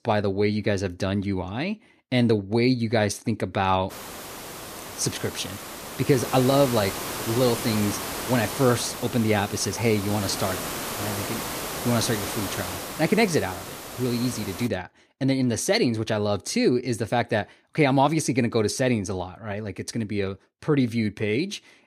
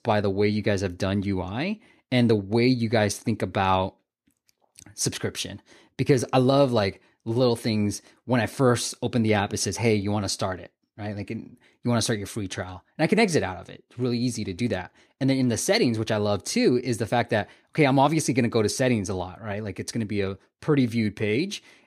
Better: second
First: hiss; loud; from 4 to 15 s; 7 dB below the speech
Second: none

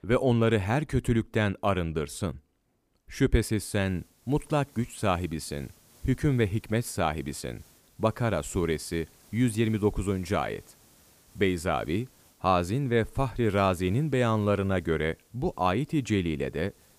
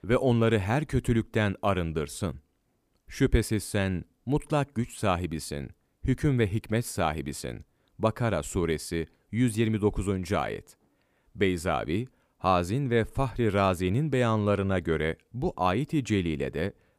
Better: second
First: hiss; faint; from 3.5 s on; 30 dB below the speech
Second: none

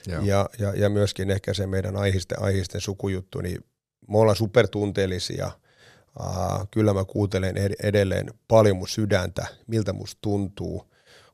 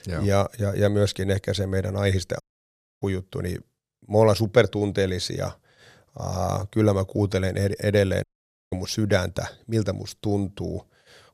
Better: first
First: none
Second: audio cutting out; at 2.5 s for 0.5 s and at 8 s

